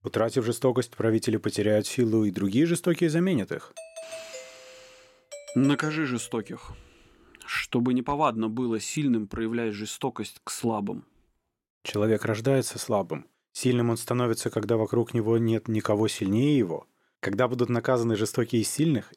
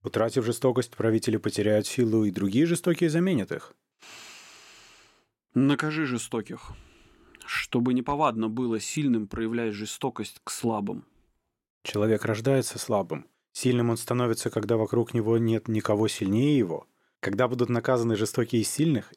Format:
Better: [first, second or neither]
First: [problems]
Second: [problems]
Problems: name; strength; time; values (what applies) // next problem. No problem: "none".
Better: second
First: doorbell; faint; from 4 to 6.5 s; peak 15 dB below the speech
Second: none